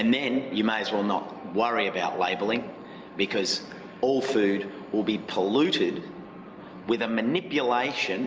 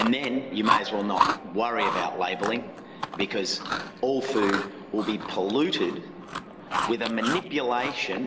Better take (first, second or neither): first